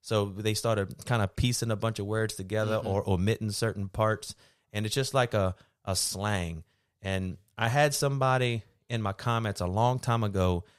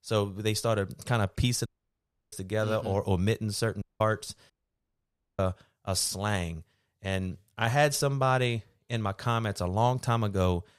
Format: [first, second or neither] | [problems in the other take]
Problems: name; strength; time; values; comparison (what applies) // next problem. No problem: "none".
first | audio cutting out; at 1.5 s for 0.5 s, at 4 s and at 4.5 s for 1 s